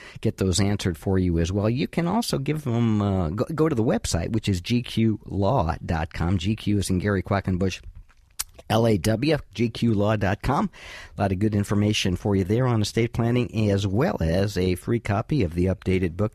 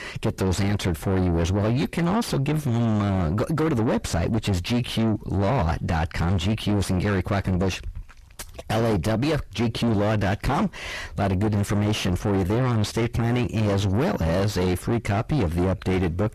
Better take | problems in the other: first | distortion; heavy; 7 dB below the speech

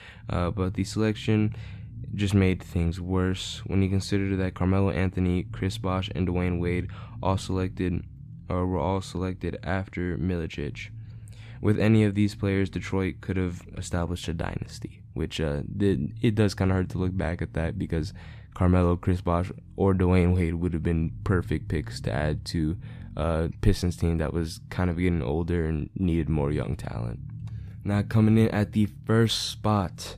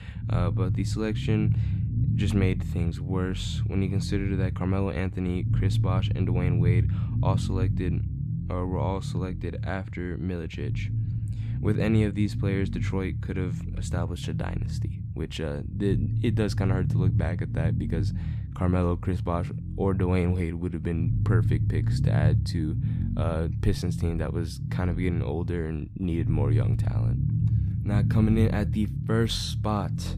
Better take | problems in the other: first | low rumble; loud; throughout; 7 dB below the speech; faint in the first

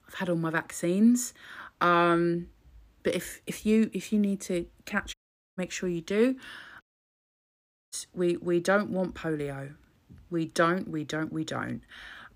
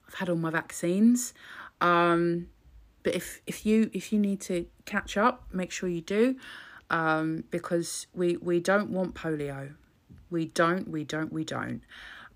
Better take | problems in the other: second | audio cutting out; at 5 s and at 7 s for 1 s

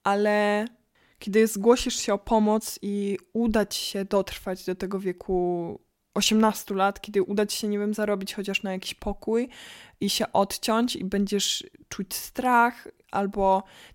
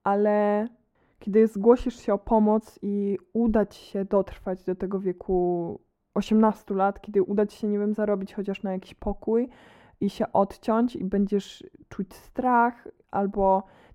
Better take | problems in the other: first | muffled; very; fading above 2 kHz

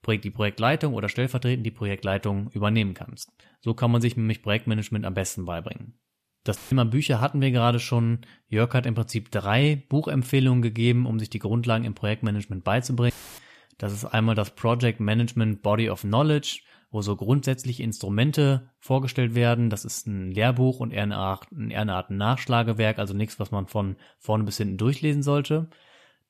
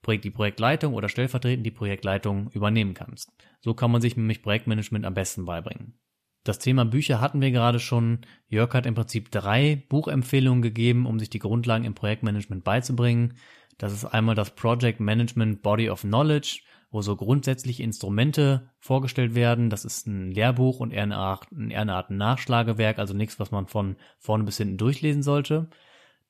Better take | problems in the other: second | audio cutting out; filled with static; at 6.5 s and at 13 s

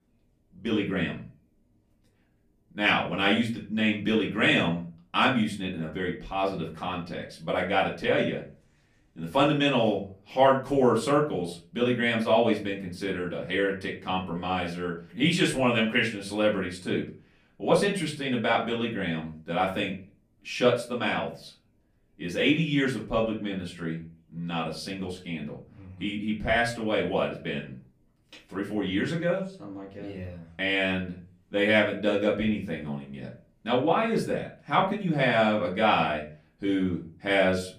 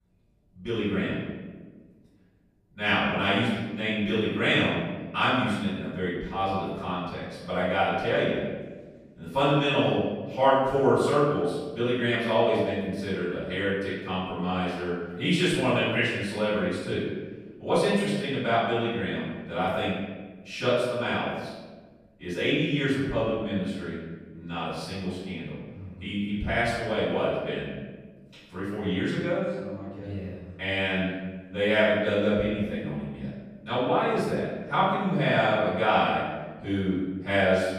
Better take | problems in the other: first | room echo; strong; dies away in 1.3 s; slight in the first // off-mic speech; far; far in the first

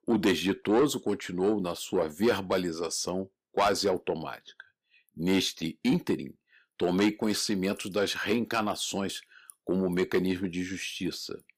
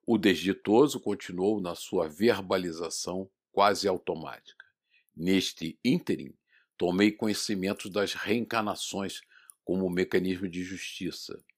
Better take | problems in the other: second | distortion; slight; 10 dB below the speech

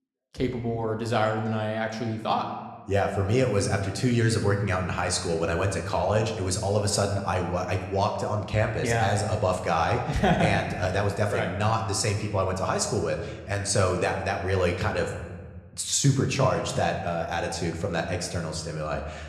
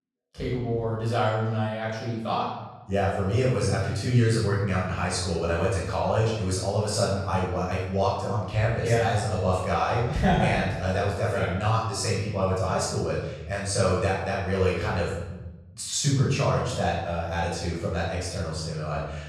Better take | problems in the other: first | room echo; strong; dies away in 1.1 s; slight in the first // off-mic speech; far

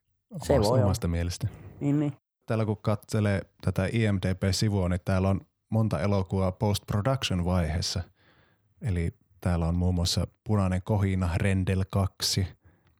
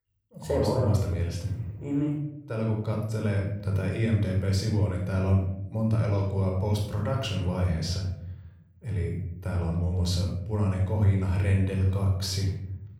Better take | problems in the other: first | off-mic speech; somewhat distant // room echo; noticeable; dies away in 0.8 s

